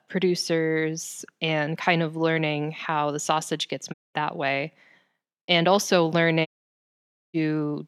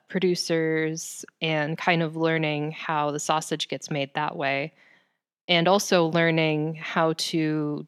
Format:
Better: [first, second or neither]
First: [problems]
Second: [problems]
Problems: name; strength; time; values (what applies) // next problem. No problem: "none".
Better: second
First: audio cutting out; at 4 s and at 6.5 s for 1 s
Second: none